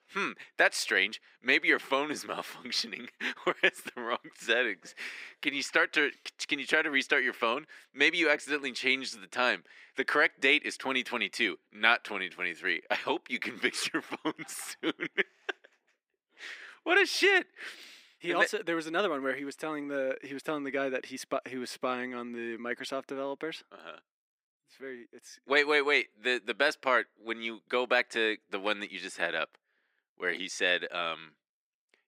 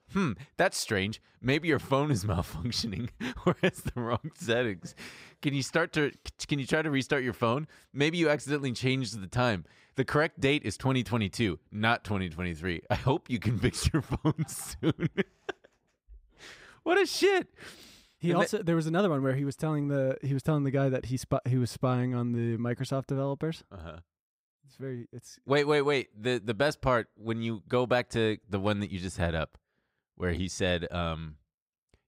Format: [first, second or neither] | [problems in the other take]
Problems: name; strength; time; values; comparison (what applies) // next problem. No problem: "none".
second | thin; somewhat; fading below 300 Hz